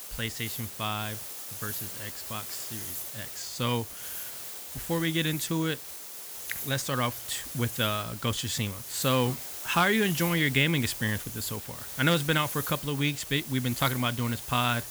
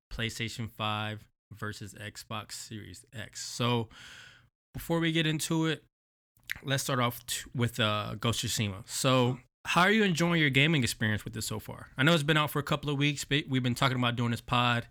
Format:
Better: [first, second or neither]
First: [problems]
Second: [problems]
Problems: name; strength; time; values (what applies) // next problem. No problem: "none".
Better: second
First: hiss; loud; throughout; 7 dB below the speech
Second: none